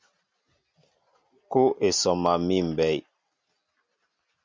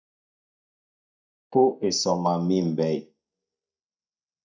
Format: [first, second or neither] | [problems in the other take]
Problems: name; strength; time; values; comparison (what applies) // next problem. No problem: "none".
first | noise reduction (neural mask model DeepFilterNet 3)